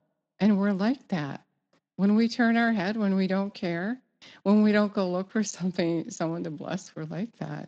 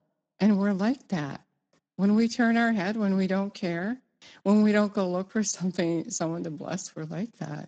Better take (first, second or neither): first